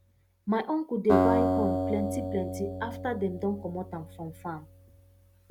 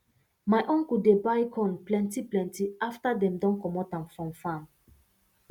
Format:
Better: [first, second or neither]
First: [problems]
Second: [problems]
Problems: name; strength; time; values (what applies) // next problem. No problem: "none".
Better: second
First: background sound (Acoustic guitar); 1 dB above the speech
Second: none